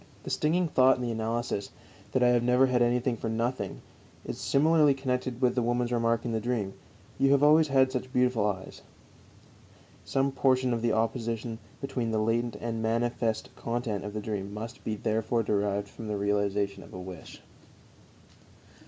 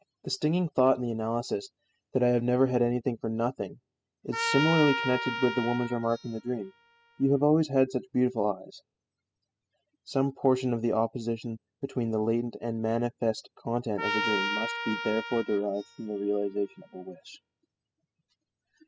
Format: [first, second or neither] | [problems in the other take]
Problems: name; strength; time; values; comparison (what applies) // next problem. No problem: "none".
first | noise reduction (classical method spectral subtraction)